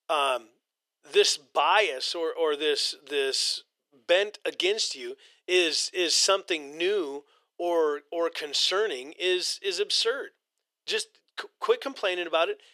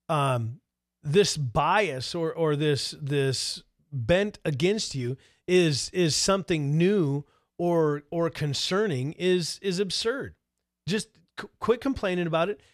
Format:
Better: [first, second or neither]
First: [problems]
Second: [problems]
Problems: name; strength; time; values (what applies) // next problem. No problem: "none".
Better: second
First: thin; very; fading below 350 Hz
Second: none